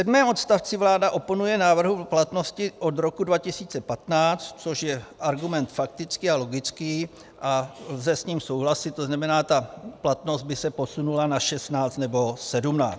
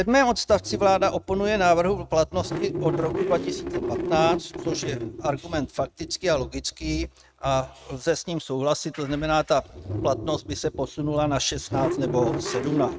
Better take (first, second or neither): first